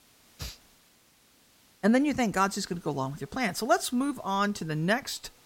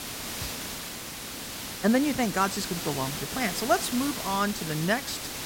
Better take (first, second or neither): first